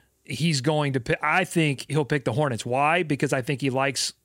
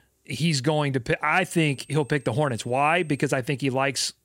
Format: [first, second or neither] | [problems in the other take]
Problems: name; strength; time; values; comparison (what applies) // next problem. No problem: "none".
first | high-pitched whine; faint; from 1.5 to 3 s; 8.5 kHz, 30 dB below the speech